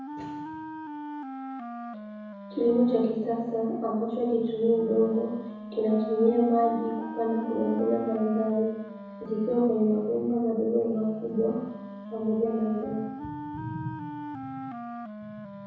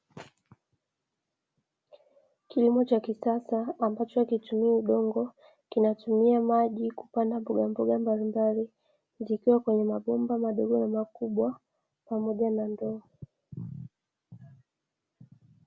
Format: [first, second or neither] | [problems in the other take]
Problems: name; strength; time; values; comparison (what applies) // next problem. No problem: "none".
second | background sound (Wind instrument, woodwind instrument); 12 dB below the speech // room echo; dies away in 1.1 s